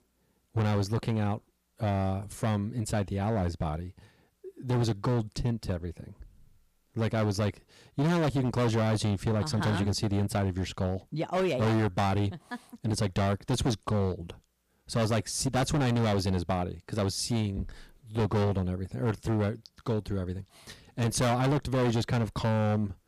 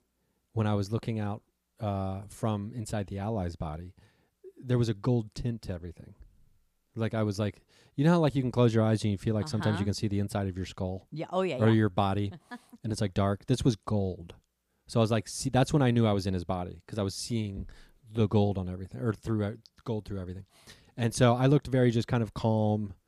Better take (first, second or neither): second